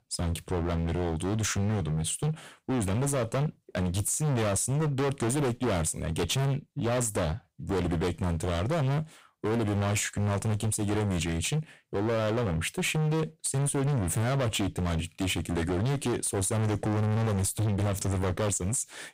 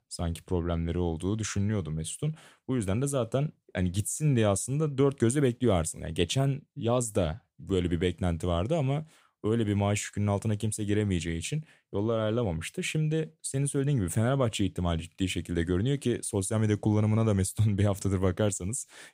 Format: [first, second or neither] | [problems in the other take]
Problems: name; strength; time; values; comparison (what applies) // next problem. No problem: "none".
second | distortion; heavy; 32% of the sound clipped